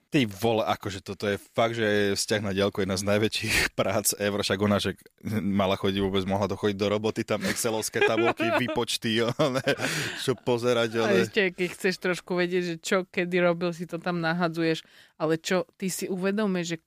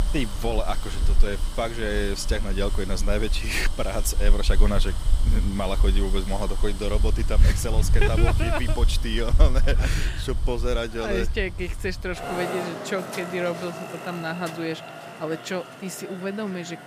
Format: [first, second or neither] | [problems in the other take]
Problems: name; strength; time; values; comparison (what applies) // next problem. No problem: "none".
first | traffic noise; very loud; throughout; 2 dB above the speech